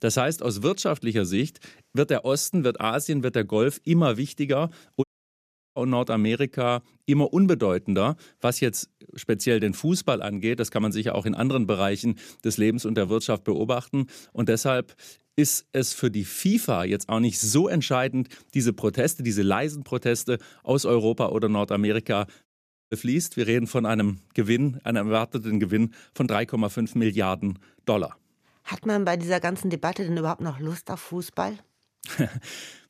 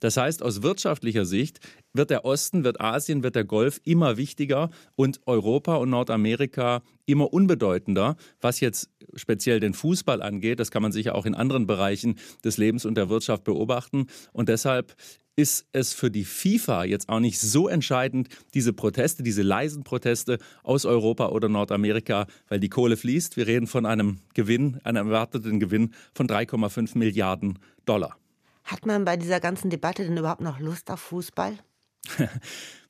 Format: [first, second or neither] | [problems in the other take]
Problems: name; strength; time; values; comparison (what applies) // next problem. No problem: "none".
second | audio cutting out; at 5 s for 0.5 s and at 22 s